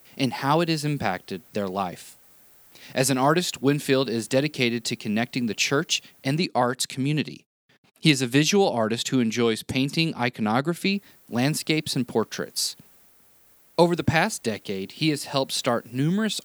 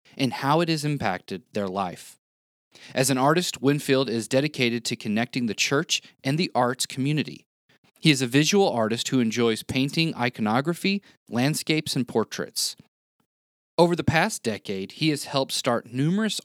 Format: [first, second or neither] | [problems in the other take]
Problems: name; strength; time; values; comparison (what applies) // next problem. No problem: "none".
second | hiss; faint; until 6.5 s and from 11 s on; 30 dB below the speech